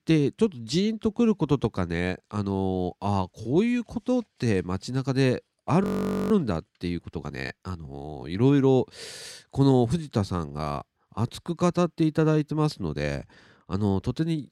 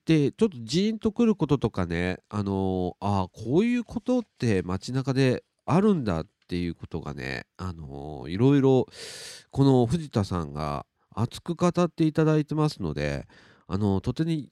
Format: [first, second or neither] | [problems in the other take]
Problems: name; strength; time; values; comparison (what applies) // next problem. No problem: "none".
second | audio freezing; at 6 s